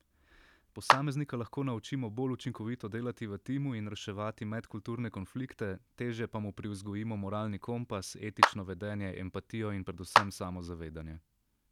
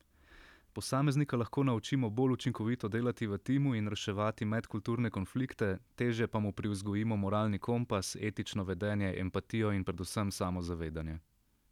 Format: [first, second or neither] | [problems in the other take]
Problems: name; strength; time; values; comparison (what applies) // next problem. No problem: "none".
second | background sound (Clapping); 4 dB above the speech